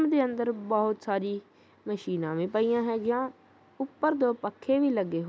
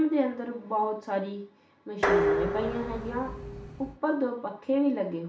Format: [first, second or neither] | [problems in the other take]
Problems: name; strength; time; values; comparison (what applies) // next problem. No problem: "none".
first | background sound (Dishes, pots, and pans); 1 dB below the speech // room echo; dies away in 0.4 s